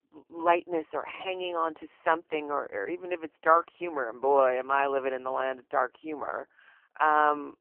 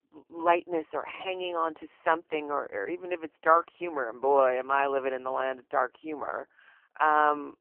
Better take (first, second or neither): neither